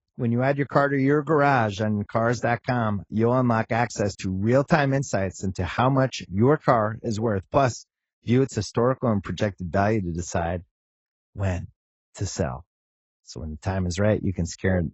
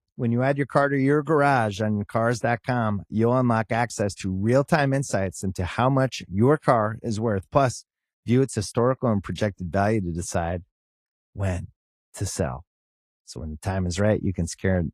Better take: second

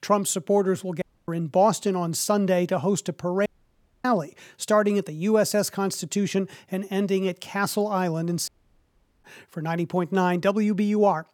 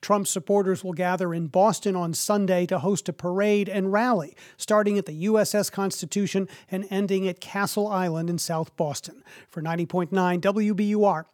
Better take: second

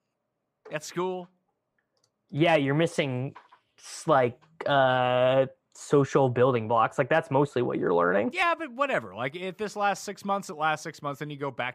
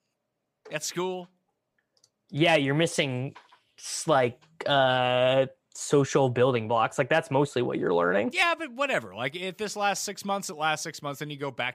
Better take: second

